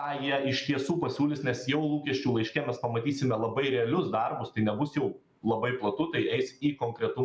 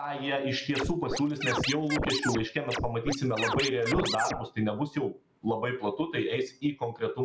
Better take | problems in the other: first | background sound (Scratching (performance technique)); 2 dB below the speech

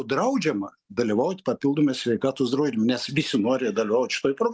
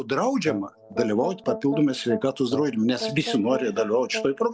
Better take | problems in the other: first | background sound (Brass instrument); 10 dB below the speech

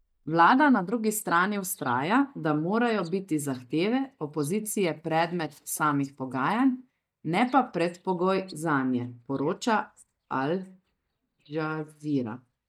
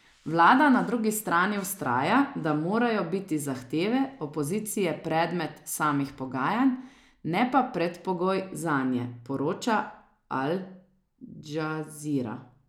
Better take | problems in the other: second | noise reduction (neural mask model DeepFilterNet 3)

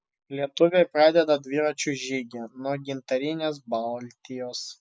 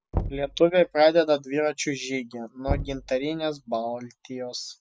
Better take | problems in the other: first | background sound (Knock); 10 dB below the speech

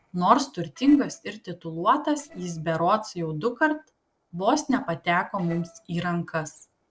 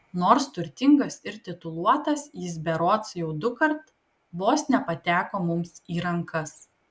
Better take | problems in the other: second | noise reduction (neural separator model SepFormer DNS4)

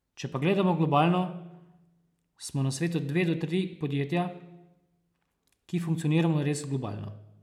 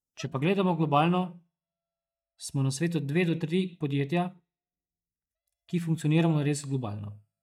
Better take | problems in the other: first | noise reduction (neural mask model DeepFilterNet 3)

